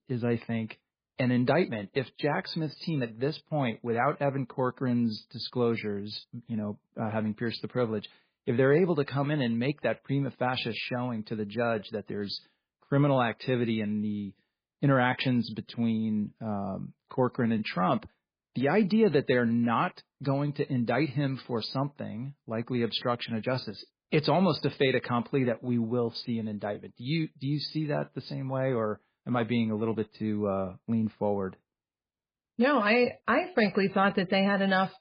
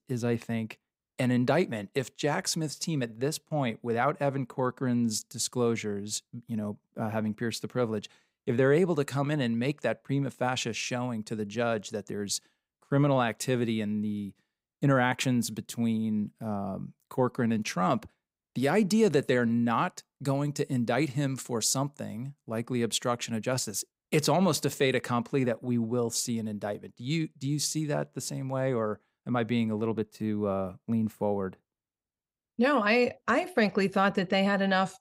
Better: second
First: garbled, watery; badly; nothing above 5 kHz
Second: none

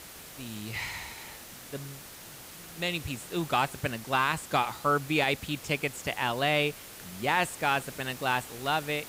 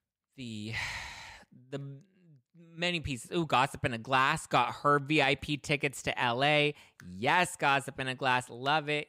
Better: second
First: hiss; noticeable; throughout; 15 dB below the speech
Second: none

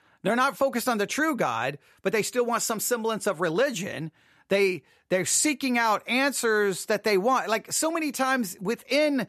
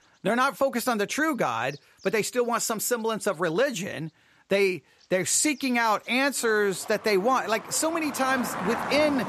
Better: first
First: none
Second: animal sounds; noticeable; throughout; 10 dB below the speech

